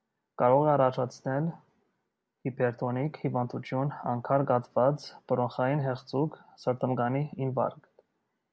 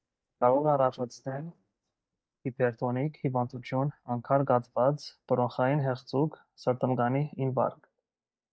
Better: first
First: none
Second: noise reduction (neural mask model DeepFilterNet 3)

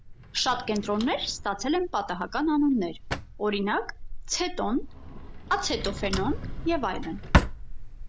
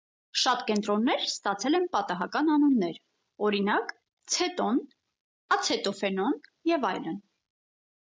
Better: second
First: background sound (Drawer open or close); 3 dB below the speech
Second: none

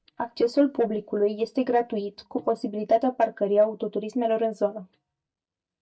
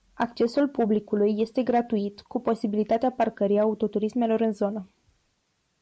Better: second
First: noise reduction (neural mask model DeepFilterNet 3)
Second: none

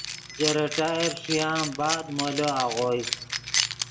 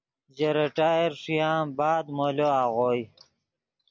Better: second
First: background sound (Keys jangling); 4 dB below the speech // room echo; dies away in 0.5 s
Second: none

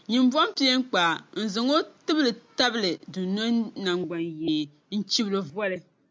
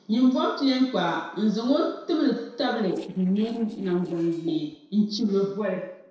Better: first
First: none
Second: noise reduction (neural separator model SepFormer DNS4)

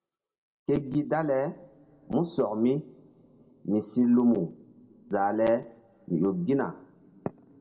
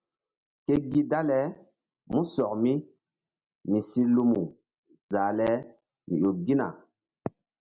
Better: second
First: room echo; dies away in 1.5 s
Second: none

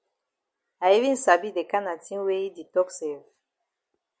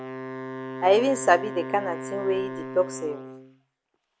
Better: first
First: none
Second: background sound (Wind instrument, woodwind instrument); 9 dB below the speech

